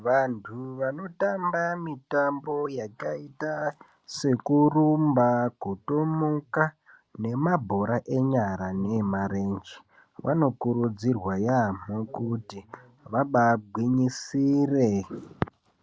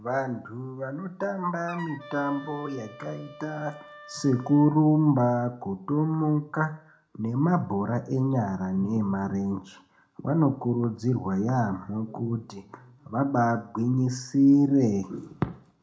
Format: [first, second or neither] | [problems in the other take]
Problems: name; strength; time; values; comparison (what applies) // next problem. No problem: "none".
first | background sound (Wind instrument, woodwind instrument); 19 dB below the speech // room echo; dies away in 0.3 s